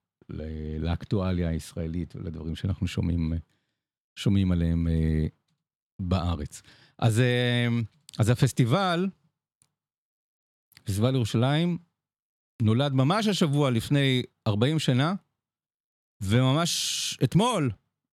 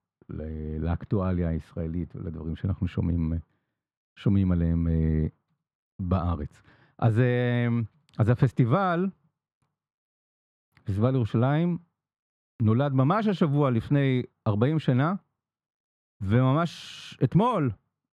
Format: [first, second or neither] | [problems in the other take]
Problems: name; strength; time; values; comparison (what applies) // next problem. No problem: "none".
first | muffled; very; fading above 3 kHz